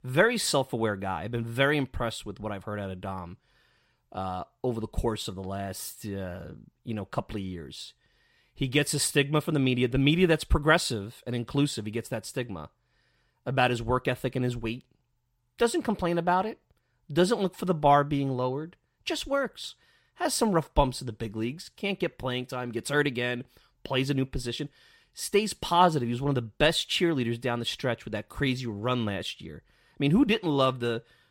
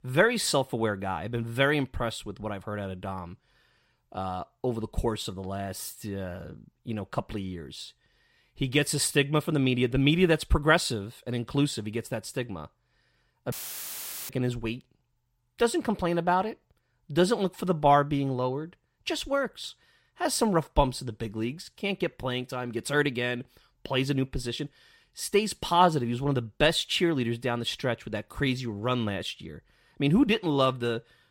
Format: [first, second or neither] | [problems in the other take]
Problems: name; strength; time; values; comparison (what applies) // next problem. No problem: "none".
first | audio cutting out; filled with static; at 14 s for 1 s